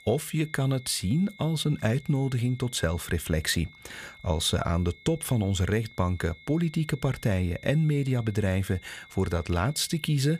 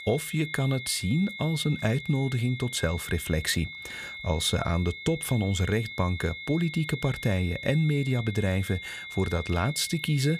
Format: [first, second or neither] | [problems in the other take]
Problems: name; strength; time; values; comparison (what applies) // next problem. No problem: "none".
first | high-pitched whine; loud; throughout; 2 kHz, 10 dB below the speech; faint in the first